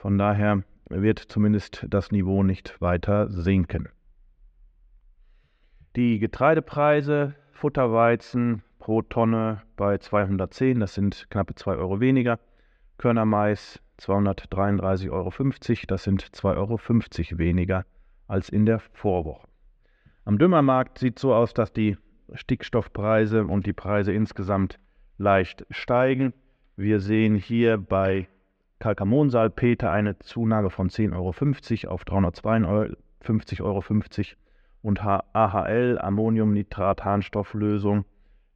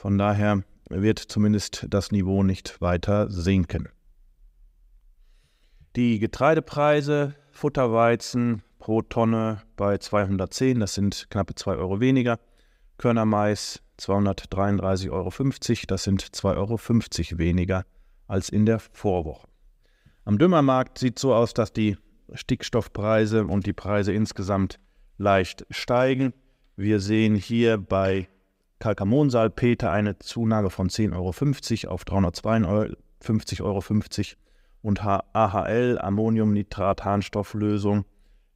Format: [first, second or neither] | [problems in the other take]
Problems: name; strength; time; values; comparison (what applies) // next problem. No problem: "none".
second | muffled; slightly; fading above 2.5 kHz